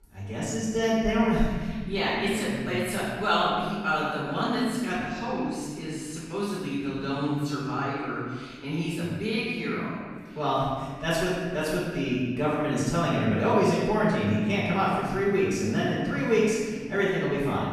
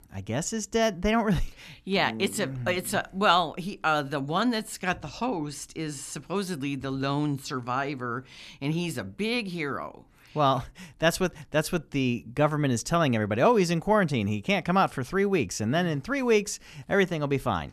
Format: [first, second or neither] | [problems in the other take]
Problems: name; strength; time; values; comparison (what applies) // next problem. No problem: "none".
second | off-mic speech; far // room echo; strong; dies away in 1.7 s